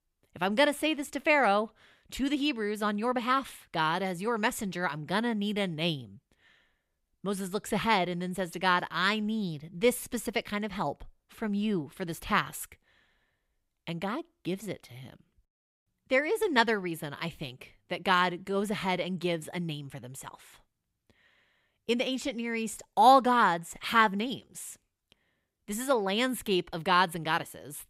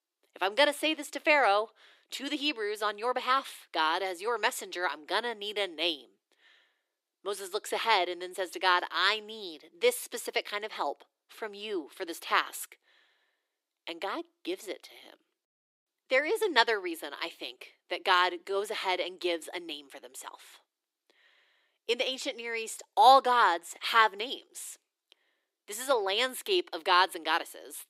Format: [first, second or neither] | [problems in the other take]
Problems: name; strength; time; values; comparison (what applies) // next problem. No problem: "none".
first | thin; very; fading below 350 Hz